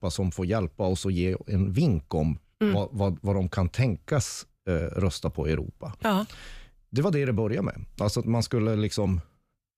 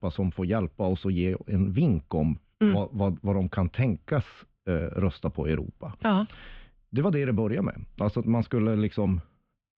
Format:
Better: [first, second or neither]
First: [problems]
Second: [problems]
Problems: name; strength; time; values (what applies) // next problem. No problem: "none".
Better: first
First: none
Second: muffled; very; fading above 3.5 kHz